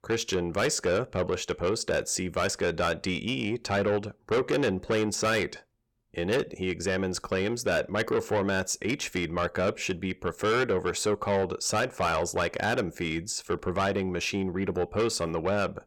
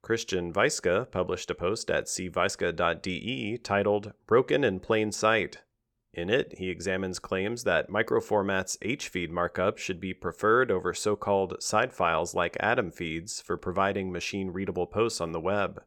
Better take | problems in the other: second | distortion; heavy; 8 dB below the speech

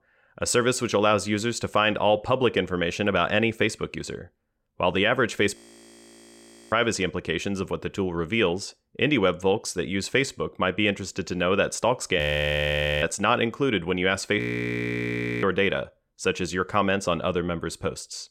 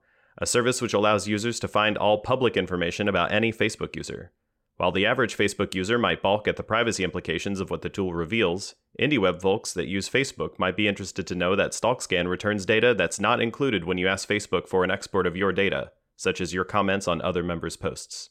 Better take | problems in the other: second | audio freezing; at 5.5 s for 1 s, at 12 s for 1 s and at 14 s for 1 s

